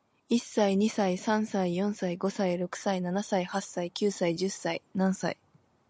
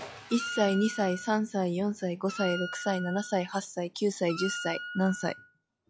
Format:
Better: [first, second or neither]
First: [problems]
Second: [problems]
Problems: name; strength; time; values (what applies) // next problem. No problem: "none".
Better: first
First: none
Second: noise reduction (classical method log-MMSE)